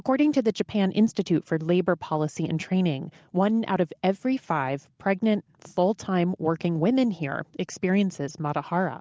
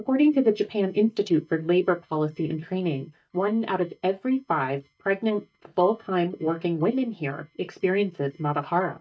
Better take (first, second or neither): first